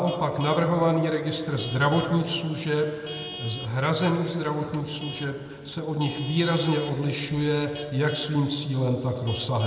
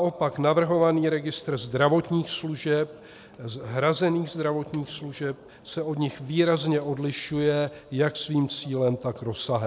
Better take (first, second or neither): second